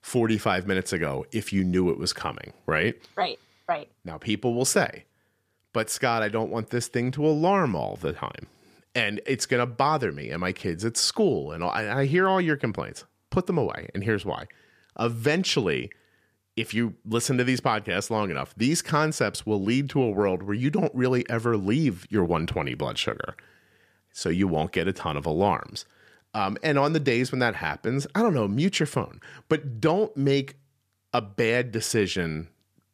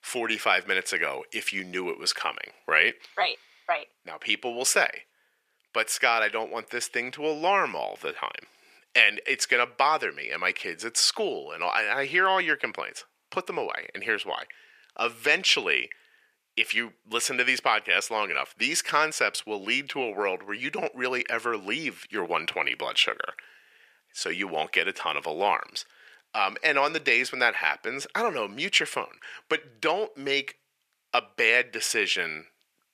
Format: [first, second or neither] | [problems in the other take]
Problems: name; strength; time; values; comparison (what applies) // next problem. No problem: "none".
first | thin; very; fading below 550 Hz